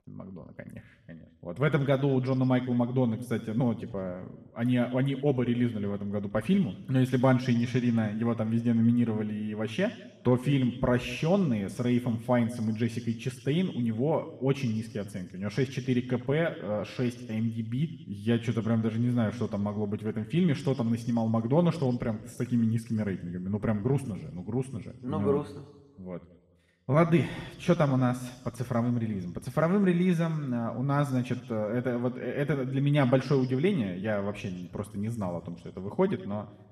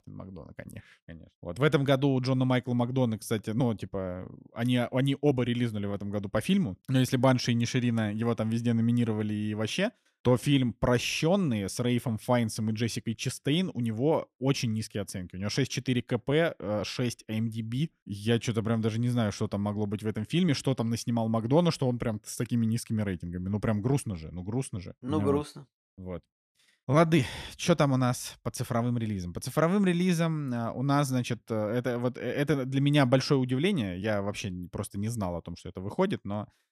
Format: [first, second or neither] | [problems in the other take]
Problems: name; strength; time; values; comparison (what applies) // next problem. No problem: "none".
second | room echo; slight; dies away in 1.1 s